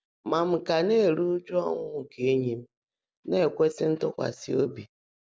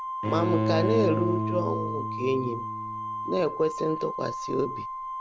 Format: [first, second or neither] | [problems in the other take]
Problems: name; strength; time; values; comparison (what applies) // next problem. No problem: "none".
first | background sound (Organ + Bowed string instrument); 1 dB below the speech